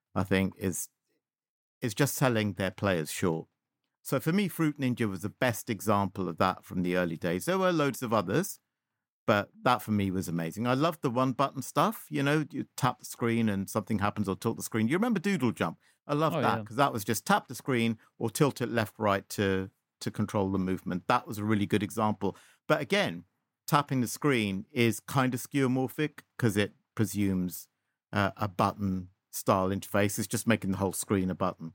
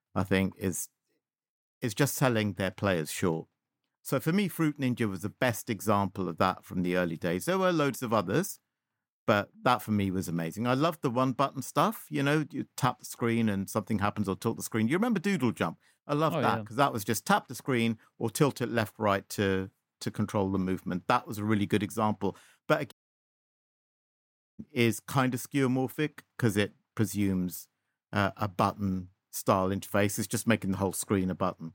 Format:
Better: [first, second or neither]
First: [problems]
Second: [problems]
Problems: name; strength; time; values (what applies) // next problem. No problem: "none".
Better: first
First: none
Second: audio cutting out; at 23 s for 1.5 s